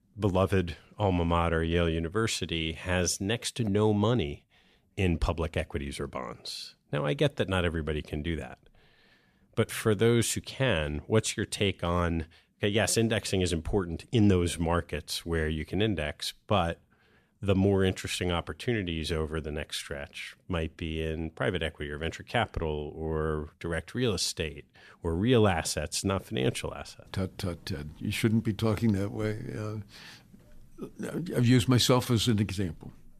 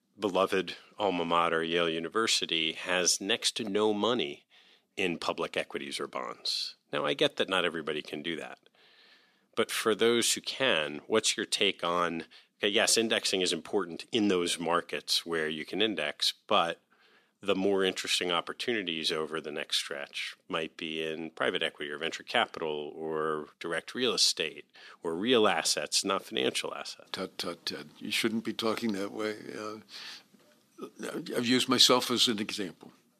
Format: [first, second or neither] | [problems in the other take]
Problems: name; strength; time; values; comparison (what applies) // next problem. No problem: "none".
first | thin; somewhat; fading below 250 Hz